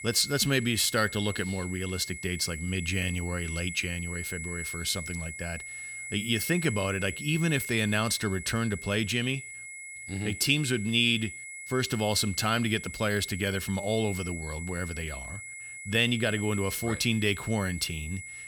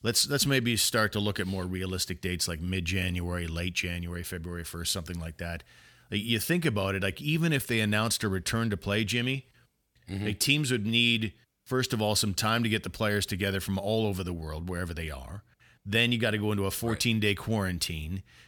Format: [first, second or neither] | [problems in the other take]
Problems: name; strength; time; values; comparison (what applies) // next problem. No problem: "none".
second | high-pitched whine; loud; throughout; 2 kHz, 9 dB below the speech